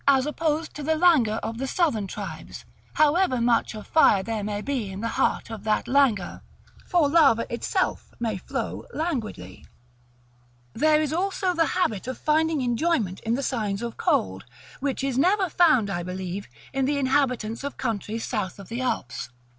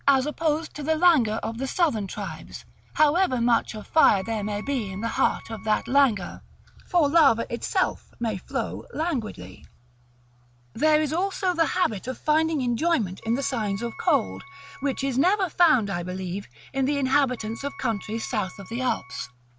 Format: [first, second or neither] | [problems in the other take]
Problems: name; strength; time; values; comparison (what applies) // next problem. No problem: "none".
first | background sound (Wind instrument, woodwind instrument); 20 dB below the speech